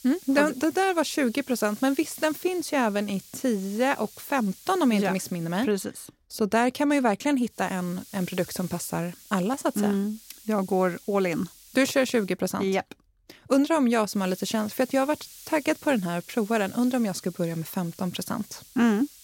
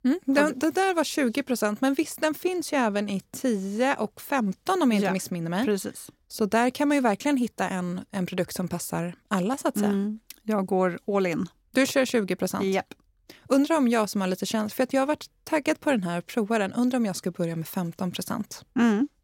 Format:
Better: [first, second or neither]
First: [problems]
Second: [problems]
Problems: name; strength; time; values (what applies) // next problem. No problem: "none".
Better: second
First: hiss; noticeable; until 5.5 s, from 7.5 to 12 s and from 14 s on; 20 dB below the speech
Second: none